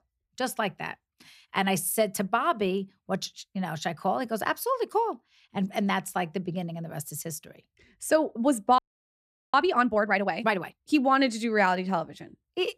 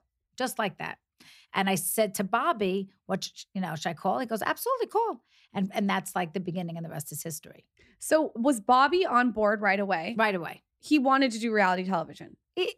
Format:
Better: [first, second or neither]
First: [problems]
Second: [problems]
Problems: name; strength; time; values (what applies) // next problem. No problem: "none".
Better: second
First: audio freezing; at 9 s for 1 s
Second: none